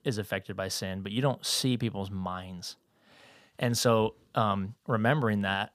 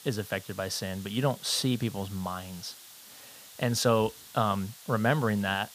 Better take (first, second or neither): first